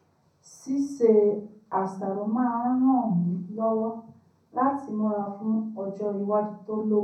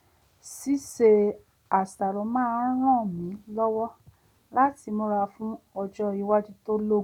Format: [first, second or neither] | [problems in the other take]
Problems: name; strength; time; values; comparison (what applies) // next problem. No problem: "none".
second | room echo; dies away in 0.6 s